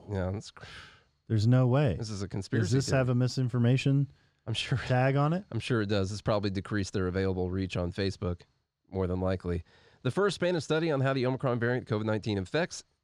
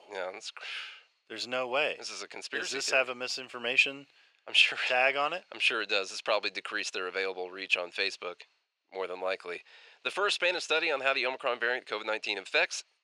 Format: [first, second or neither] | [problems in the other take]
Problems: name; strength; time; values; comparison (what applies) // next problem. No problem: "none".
first | thin; very; fading below 550 Hz